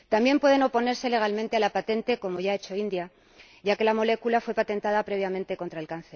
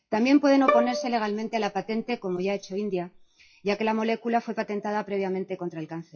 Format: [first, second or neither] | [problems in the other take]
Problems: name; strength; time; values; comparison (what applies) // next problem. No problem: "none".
first | noise reduction (classical method WPE with log-MMSE)